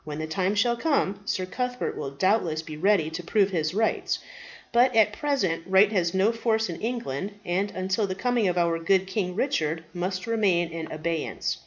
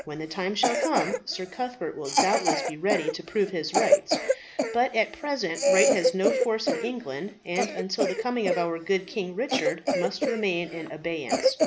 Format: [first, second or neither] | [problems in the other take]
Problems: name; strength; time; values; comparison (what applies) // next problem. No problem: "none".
first | background sound (Cough); 1 dB above the speech